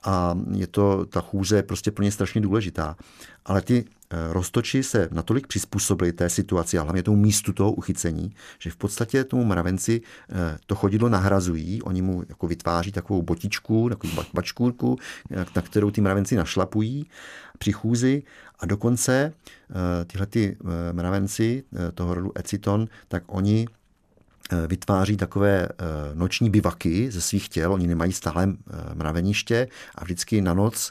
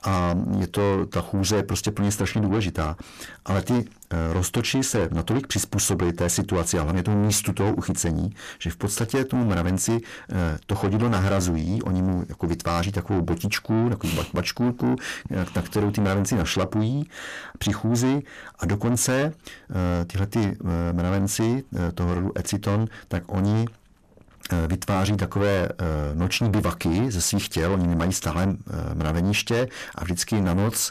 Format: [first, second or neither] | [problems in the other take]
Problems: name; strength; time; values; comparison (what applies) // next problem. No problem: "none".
first | distortion; heavy; 7 dB below the speech